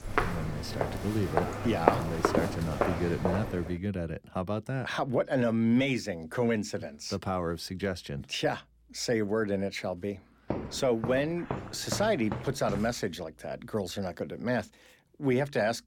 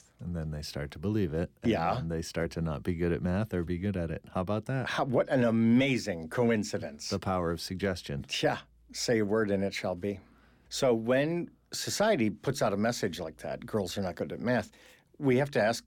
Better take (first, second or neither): second